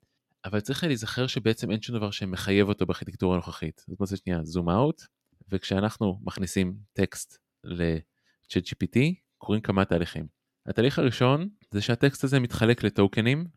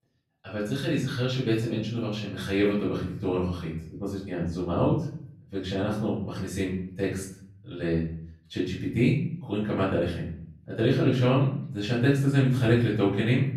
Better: first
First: none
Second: off-mic speech; far // room echo; noticeable; dies away in 0.6 s

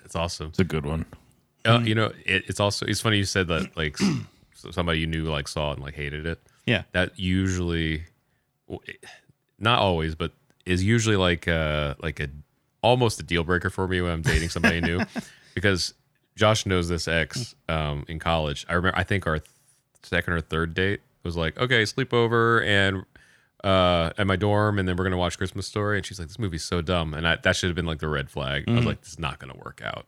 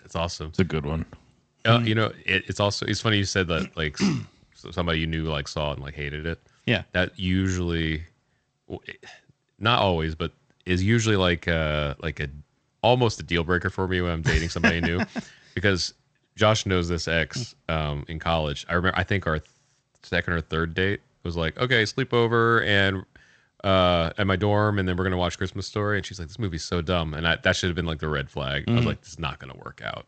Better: first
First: none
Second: garbled, watery; slightly; nothing above 7.5 kHz

